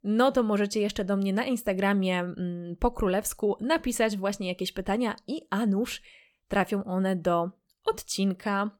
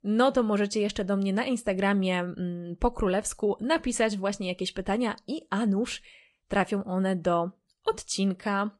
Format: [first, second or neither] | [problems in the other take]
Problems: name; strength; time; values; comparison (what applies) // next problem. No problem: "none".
first | garbled, watery; slightly; nothing above 10.5 kHz